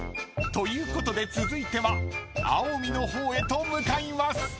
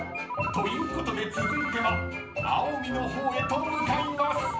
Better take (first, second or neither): first